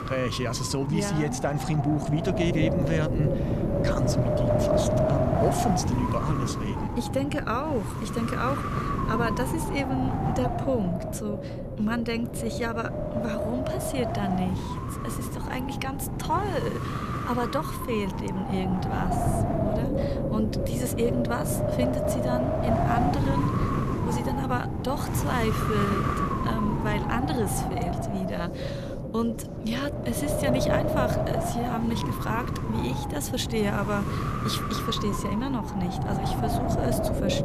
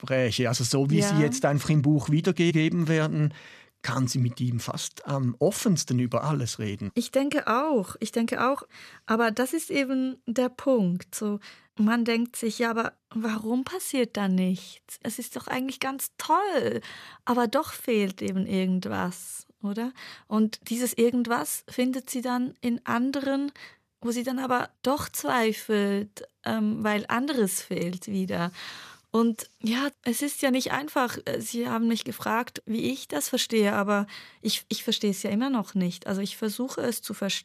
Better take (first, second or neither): second